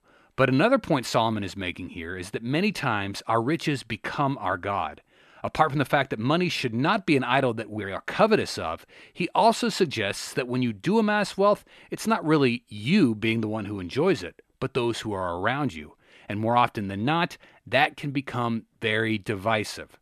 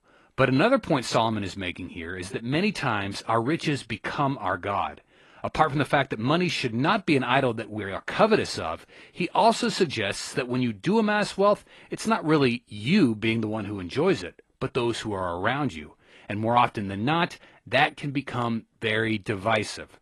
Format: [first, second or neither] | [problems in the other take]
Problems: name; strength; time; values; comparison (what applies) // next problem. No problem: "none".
first | garbled, watery; slightly